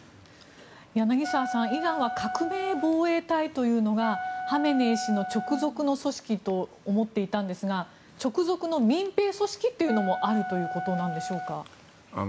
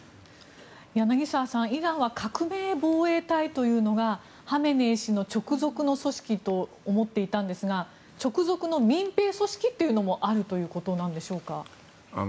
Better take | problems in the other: second | background sound (Wind instrument, woodwind instrument); 7 dB below the speech

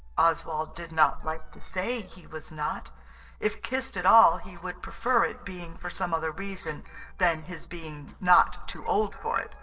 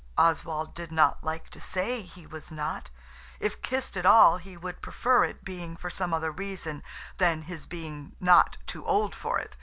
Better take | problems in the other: second | noise reduction (neural separator model SepFormer DNS4)

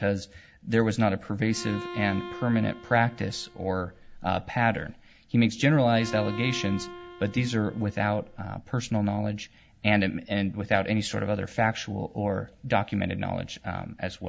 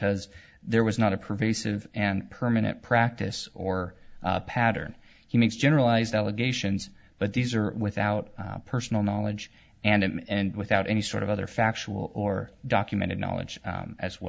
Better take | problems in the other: second | background sound (Bowed string instrument); 15 dB below the speech

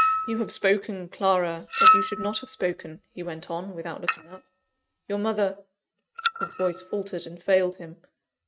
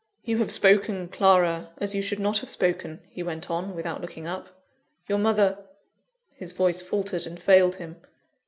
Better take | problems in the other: second | noise reduction (neural mask model RNNoise)

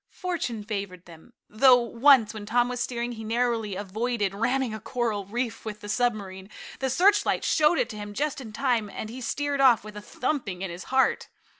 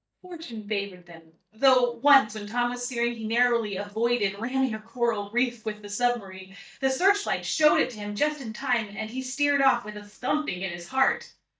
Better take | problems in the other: first | noise reduction (neural mask model DeepFilterNet 3)

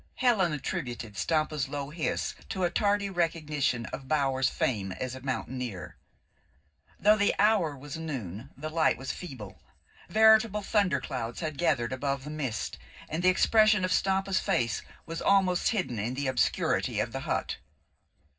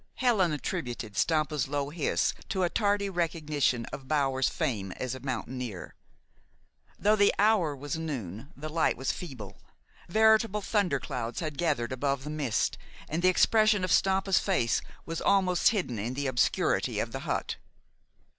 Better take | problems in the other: second | room echo; dies away in 0.4 s

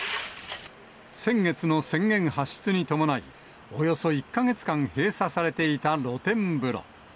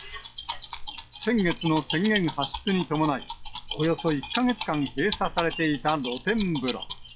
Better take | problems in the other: first | noise reduction (classical method log-MMSE)

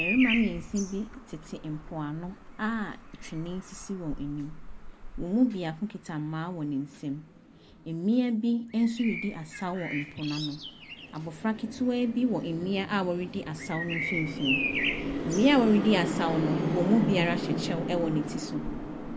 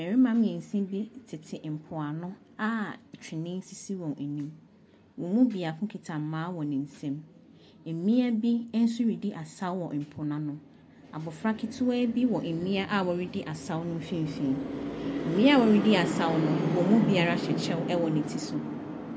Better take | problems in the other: second | background sound (Bird vocalization, bird call, bird song); 10 dB below the speech

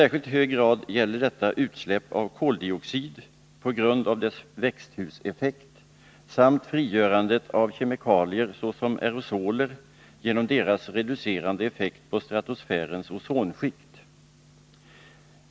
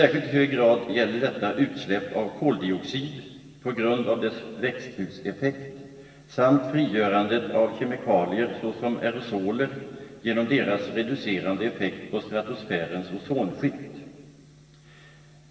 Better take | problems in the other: first | room echo; dies away in 1.9 s

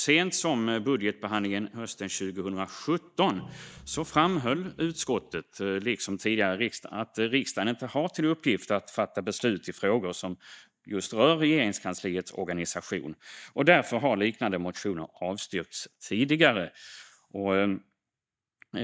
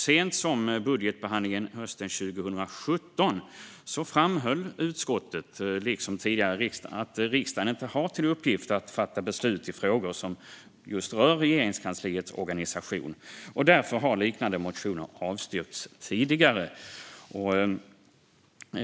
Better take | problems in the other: second | noise reduction (neural mask model DeepFilterNet 3)

